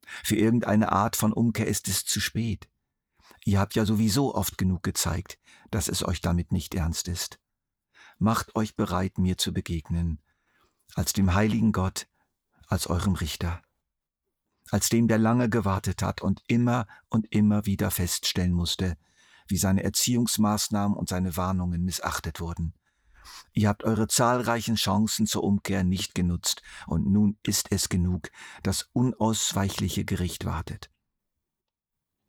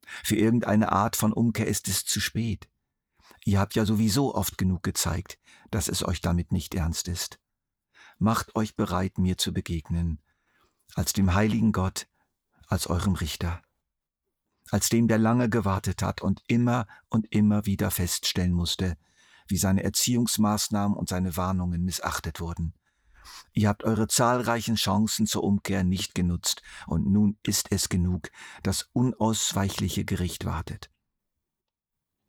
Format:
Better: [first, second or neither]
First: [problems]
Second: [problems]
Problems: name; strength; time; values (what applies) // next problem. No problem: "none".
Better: neither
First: none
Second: none